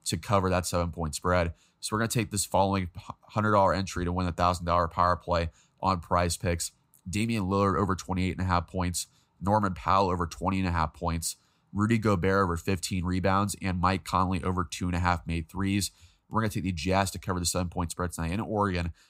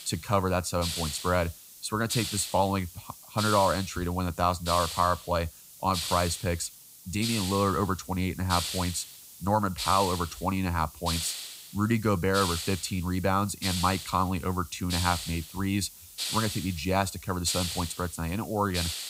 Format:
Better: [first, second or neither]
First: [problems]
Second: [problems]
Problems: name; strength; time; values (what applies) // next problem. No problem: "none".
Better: first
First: none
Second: hiss; loud; throughout; 6 dB below the speech